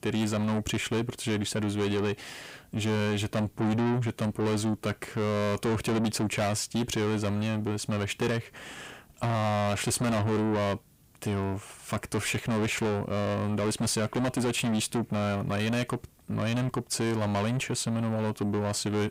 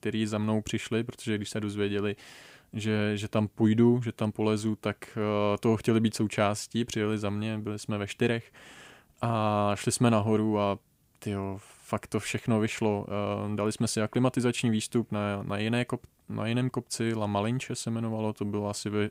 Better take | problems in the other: second | distortion; heavy; 6 dB below the speech

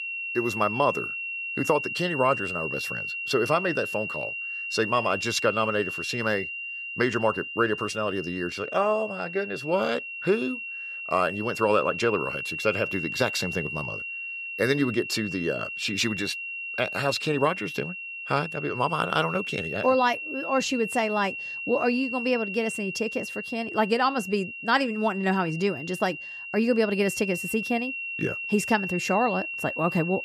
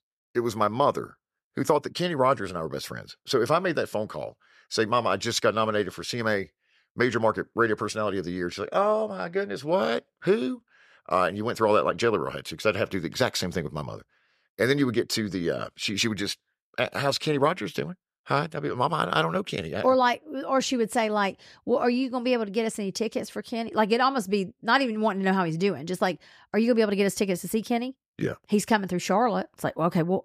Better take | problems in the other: second | high-pitched whine; loud; throughout; 2.5 kHz, 5 dB below the speech

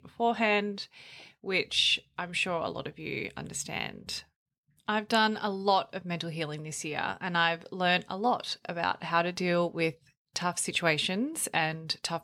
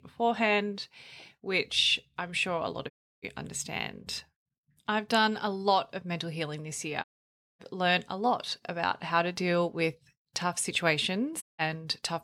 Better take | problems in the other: first | audio cutting out; at 3 s, at 7 s for 0.5 s and at 11 s

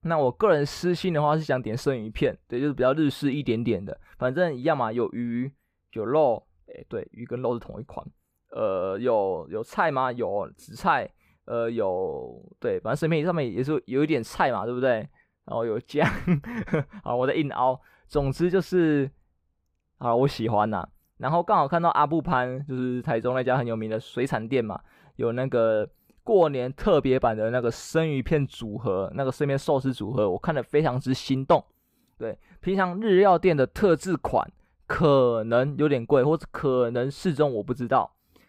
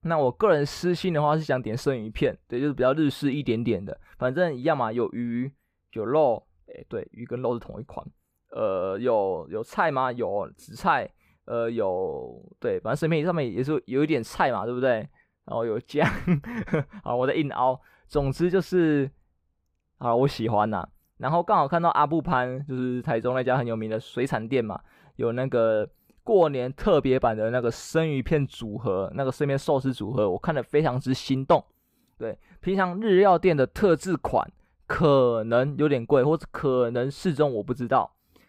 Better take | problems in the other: neither | muffled; slightly; fading above 4 kHz; the same in both

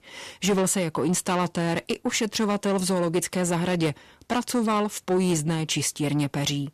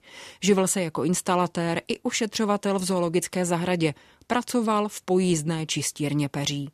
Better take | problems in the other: second | distortion; slight; 10 dB below the speech

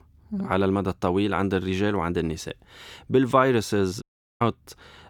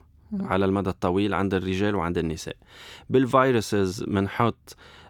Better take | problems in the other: second | audio cutting out; at 4 s

